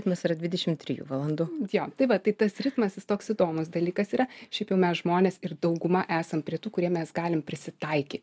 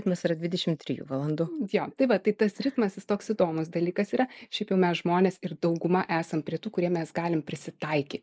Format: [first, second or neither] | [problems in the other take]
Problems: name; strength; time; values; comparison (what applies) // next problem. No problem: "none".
first | noise reduction (neural mask model Resemble Enhance denoiser)